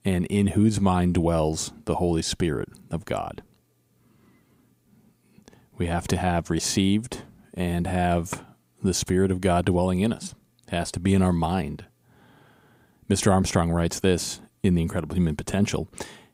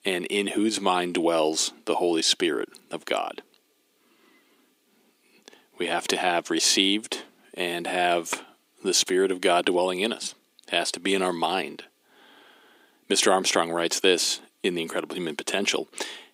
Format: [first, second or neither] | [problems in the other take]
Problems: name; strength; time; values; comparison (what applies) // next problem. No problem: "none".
first | thin; somewhat; fading below 300 Hz